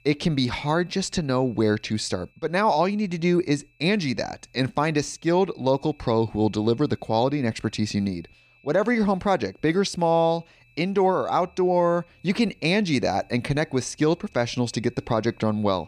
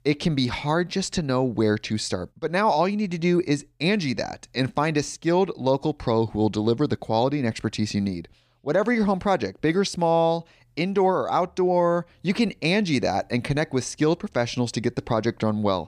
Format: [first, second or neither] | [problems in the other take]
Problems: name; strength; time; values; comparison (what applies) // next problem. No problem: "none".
second | high-pitched whine; faint; throughout; 2.5 kHz, 35 dB below the speech